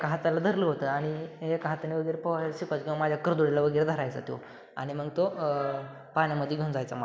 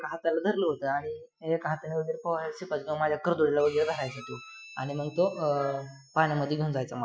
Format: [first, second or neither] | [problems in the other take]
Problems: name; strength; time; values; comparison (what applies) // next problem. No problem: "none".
first | noise reduction (classical method Wiener filter)